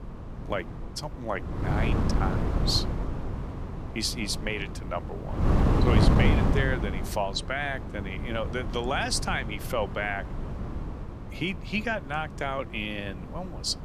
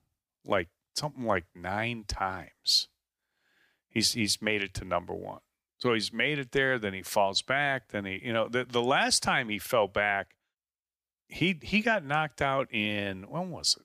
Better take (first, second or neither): second